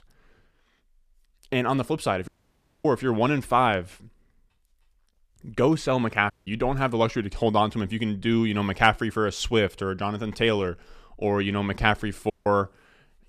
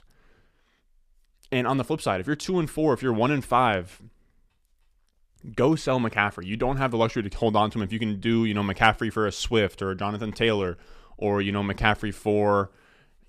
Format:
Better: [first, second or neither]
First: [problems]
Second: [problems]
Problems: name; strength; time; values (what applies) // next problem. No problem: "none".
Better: second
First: audio cutting out; at 2.5 s for 0.5 s, at 6.5 s and at 12 s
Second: none